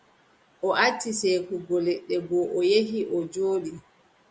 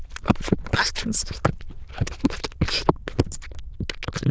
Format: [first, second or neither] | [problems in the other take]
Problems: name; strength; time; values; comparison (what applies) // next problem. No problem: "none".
first | noise reduction (neural diffusion model UNIVERSE++)